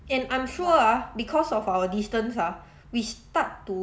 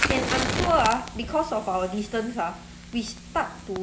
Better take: first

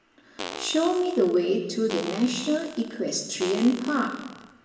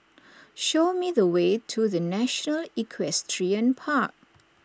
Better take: second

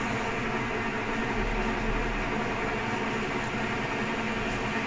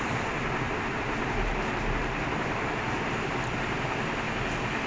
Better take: second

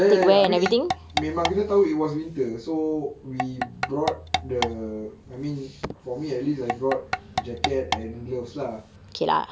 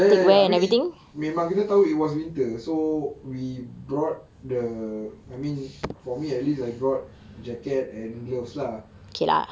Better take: second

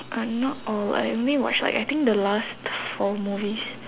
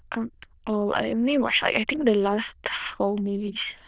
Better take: first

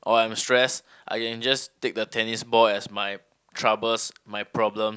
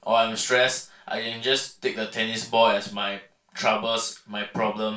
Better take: first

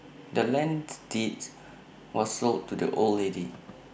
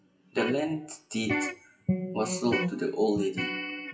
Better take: first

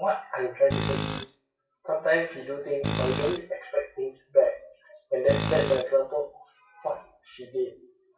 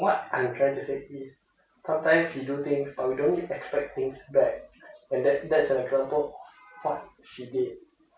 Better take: second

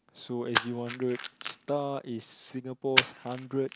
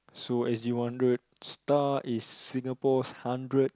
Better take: second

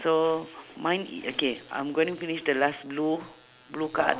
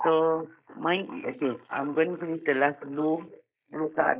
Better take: first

